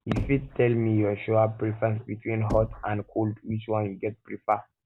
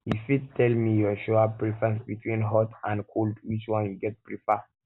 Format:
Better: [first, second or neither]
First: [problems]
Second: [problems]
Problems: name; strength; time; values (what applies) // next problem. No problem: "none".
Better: second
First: background sound (Knock / Wood); 13 dB below the speech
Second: none